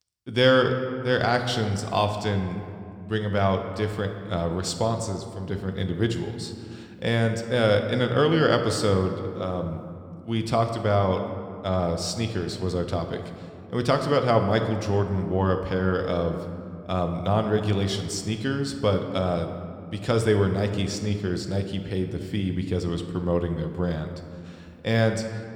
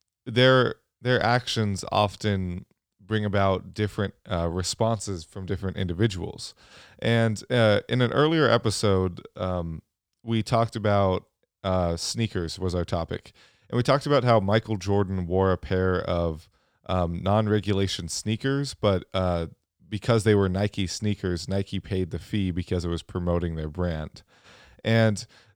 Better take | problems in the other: second | room echo; slight; dies away in 1.7 s

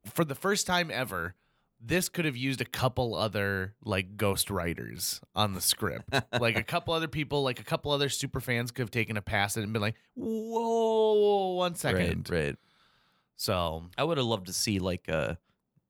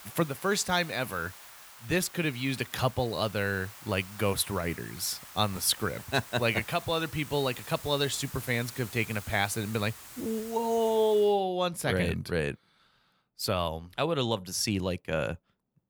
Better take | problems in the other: first | hiss; noticeable; until 11 s; 15 dB below the speech

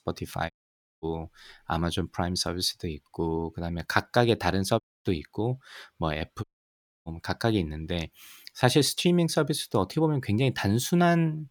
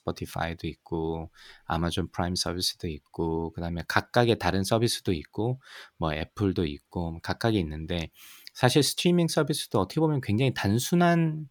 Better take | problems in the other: second | audio cutting out; at 0.5 s for 0.5 s, at 5 s and at 6.5 s for 0.5 s

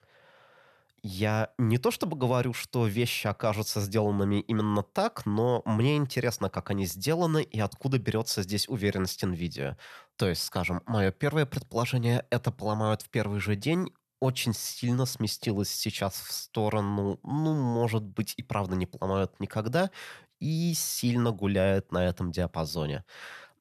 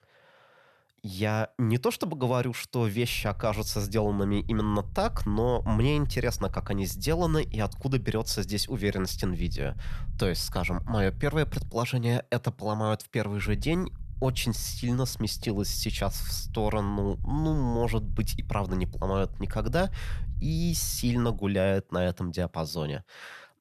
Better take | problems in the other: first | low rumble; faint; from 3 to 12 s and from 13 to 21 s; 25 dB below the speech

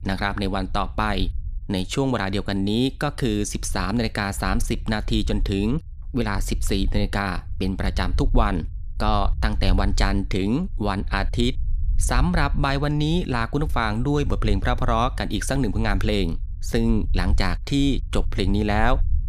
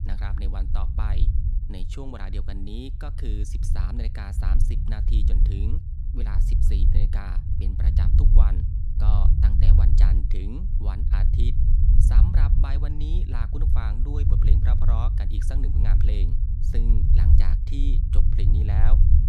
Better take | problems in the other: first | low rumble; loud; throughout; as loud as the speech; faint in the first

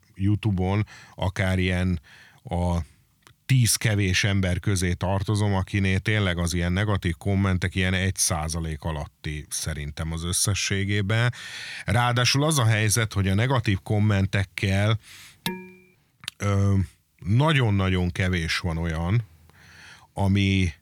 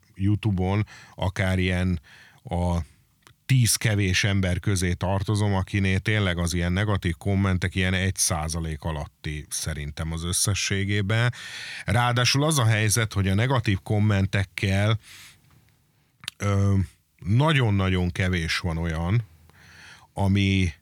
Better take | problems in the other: second | clattering dishes; noticeable; at 15 s; peak 8 dB below the speech

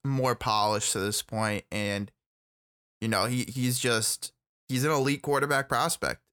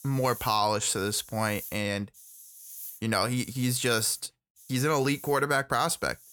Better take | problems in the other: first | hiss; noticeable; throughout; 15 dB below the speech

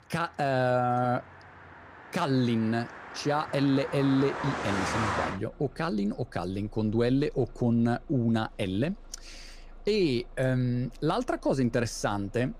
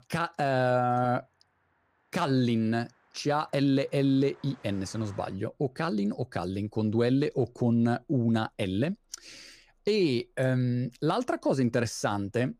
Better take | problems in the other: second | traffic noise; loud; throughout; 7 dB below the speech; faint in the second

